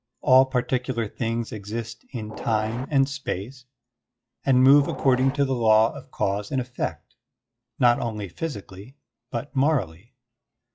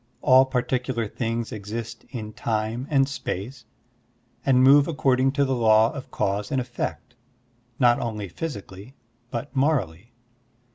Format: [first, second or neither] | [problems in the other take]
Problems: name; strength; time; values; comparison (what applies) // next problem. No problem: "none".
second | noise reduction (classical method log-MMSE)